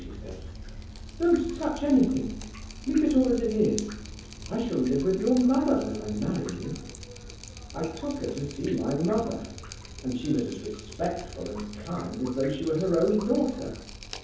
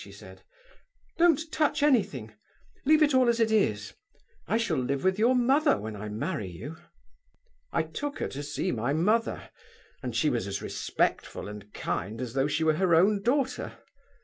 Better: second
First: background sound (Drip); 13 dB below the speech // room echo; dies away in 0.7 s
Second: none

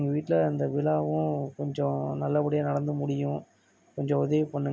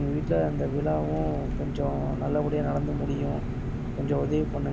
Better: first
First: none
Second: background sound (Engine); 2 dB below the speech

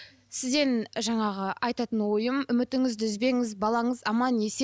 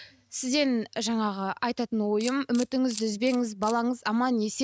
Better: first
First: none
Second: noise reduction (neural mask model RNNoise)

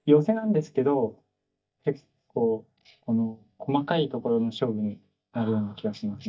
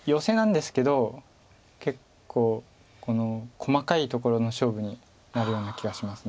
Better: second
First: noise reduction (neural mask model DeepFilterNet 3)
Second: none

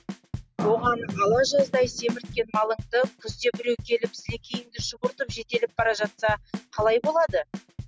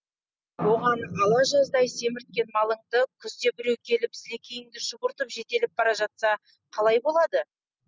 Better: second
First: background sound (Bass drum / Snare drum / Drum kit); 11 dB below the speech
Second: none

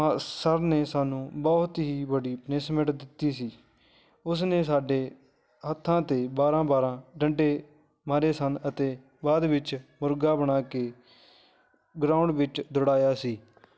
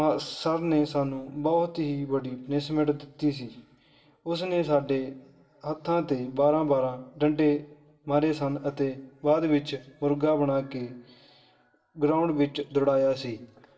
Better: first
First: none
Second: room echo; dies away in 0.8 s

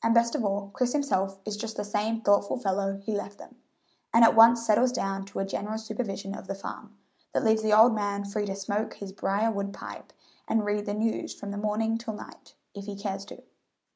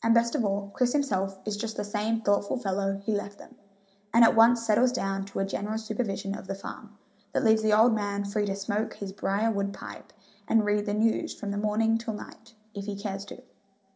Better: first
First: none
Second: room echo; dies away in 0.6 s

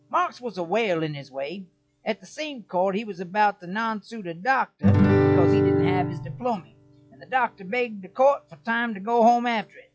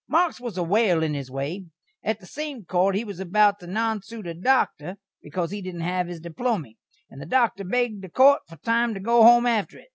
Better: second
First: noise reduction (classical method log-MMSE)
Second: none

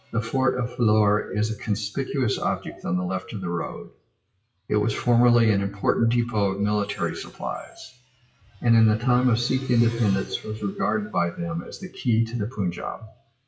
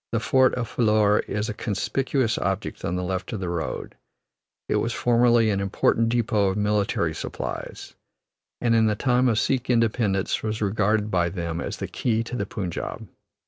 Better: second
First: noise reduction (classical method WPE with log-MMSE)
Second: none

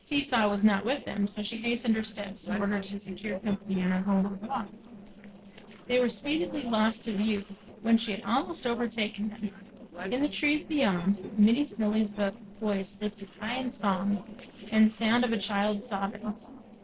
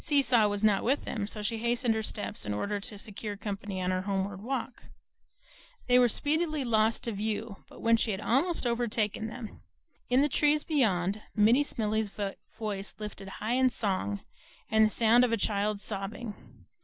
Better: second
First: noise reduction (neural separator model SepFormer DNS4)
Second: none

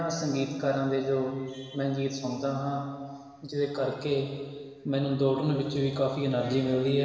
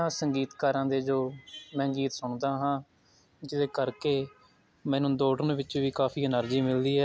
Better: second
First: room echo; dies away in 1.6 s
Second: none

